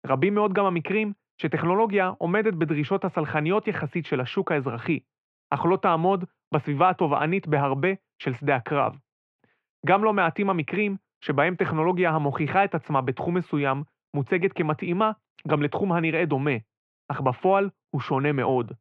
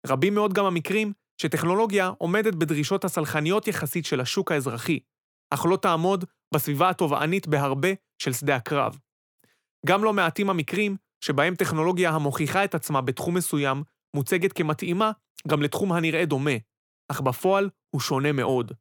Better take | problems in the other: second | muffled; very; fading above 2.5 kHz

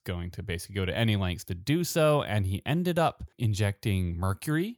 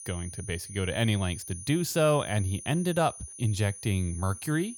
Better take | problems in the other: first | high-pitched whine; noticeable; throughout; 9.5 kHz, 10 dB below the speech

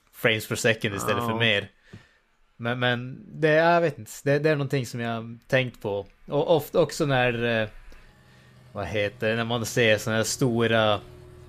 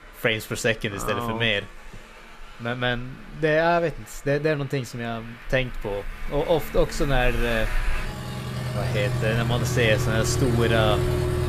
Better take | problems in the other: first | traffic noise; loud; throughout; 3 dB below the speech; faint in the first

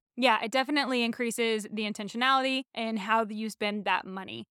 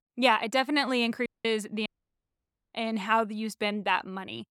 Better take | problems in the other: first | audio cutting out; at 1.5 s and at 2 s for 1 s

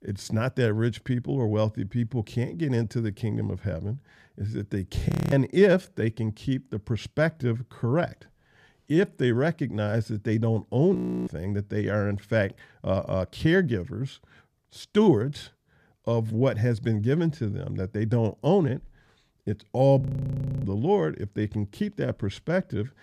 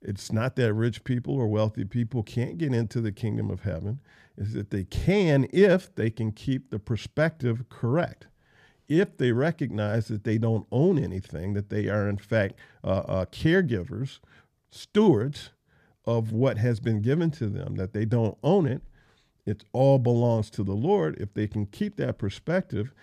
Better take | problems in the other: second | audio freezing; at 5 s, at 11 s and at 20 s for 0.5 s

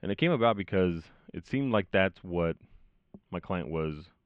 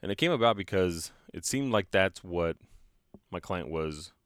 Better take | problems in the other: second | muffled; very; fading above 3 kHz

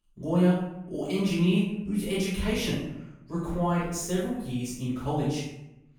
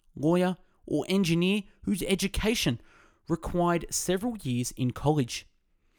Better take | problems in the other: second | room echo; strong; dies away in 0.7 s // off-mic speech; far

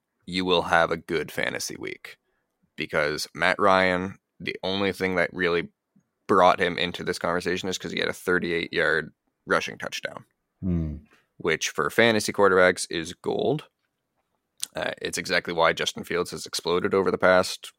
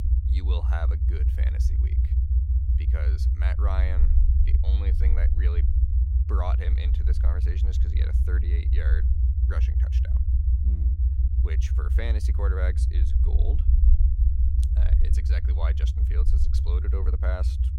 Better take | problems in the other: first | low rumble; loud; throughout; 2 dB below the speech

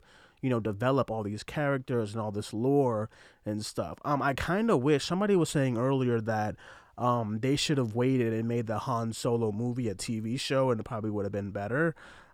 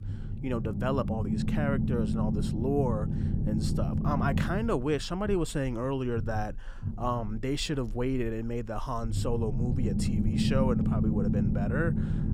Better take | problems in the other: first | low rumble; loud; throughout; 5 dB below the speech

